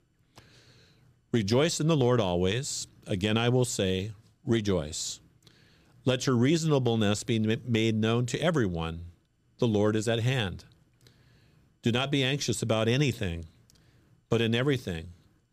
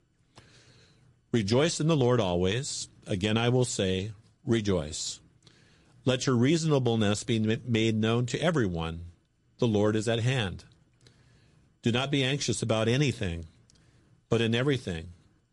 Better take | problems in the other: first | garbled, watery; slightly

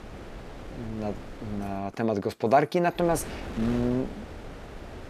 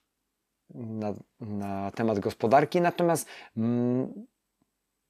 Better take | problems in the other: second | wind noise on the microphone; occasional gusts; until 2 s and from 3 s on; 15 dB below the speech

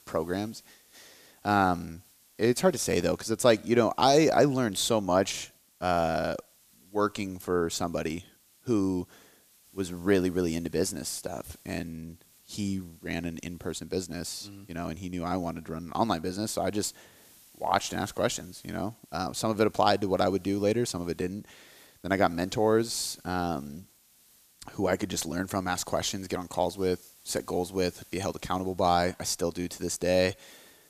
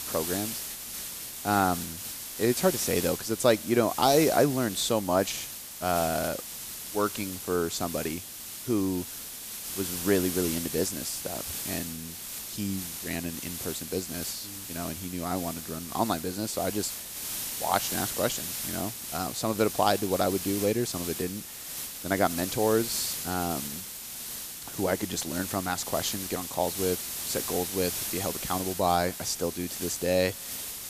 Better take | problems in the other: first | hiss; loud; throughout; 5 dB below the speech; faint in the first

